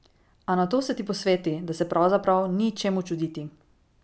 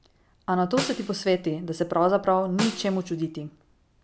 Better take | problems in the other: first | background sound (Snare drum); 11 dB below the speech

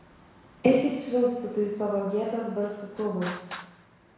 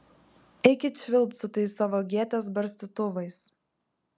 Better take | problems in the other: second | background sound (Traffic noise, roadway noise); 19 dB below the speech // room echo; dies away in 1.1 s

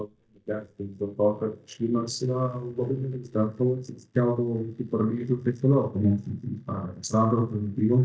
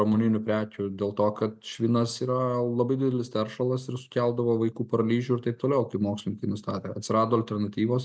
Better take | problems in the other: second | noise reduction (neural mask model DeepFilterNet 3)

